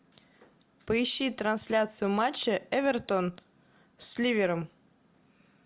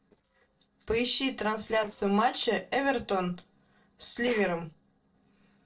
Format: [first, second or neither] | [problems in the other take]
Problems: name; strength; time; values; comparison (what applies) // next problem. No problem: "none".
first | noise reduction (neural separator model SepFormer DNS4)